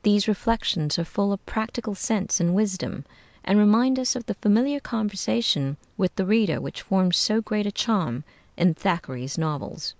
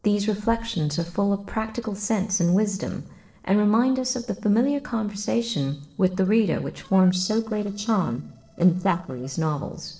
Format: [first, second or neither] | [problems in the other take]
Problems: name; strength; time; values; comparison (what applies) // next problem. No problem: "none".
first | noise reduction (neural separator model SepFormer DNS4)